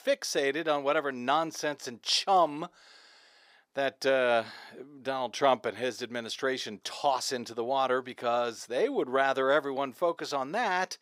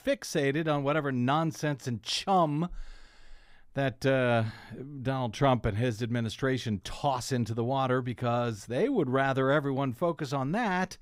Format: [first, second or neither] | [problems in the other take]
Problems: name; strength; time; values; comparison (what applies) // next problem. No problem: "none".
second | thin; somewhat; fading below 450 Hz